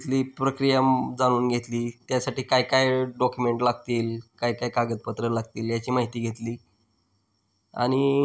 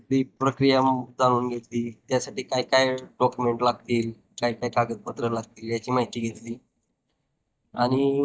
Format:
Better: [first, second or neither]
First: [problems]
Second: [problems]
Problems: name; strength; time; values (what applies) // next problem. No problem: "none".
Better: first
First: none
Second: noise reduction (neural mask model DeepFilterNet 3)